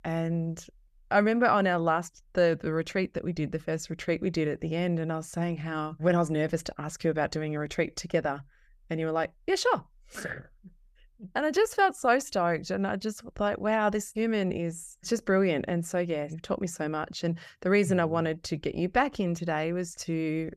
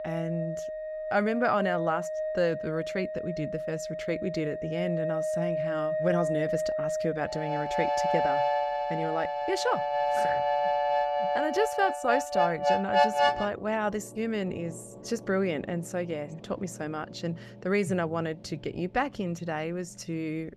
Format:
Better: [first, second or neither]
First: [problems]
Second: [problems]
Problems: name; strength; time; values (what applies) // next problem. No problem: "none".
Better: first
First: none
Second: background music; very loud; throughout; 2 dB above the speech